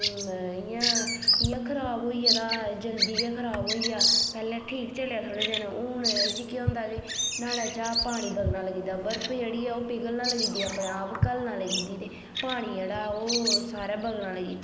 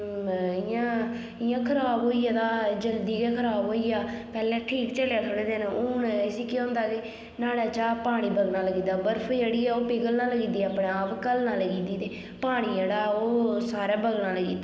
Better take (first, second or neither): second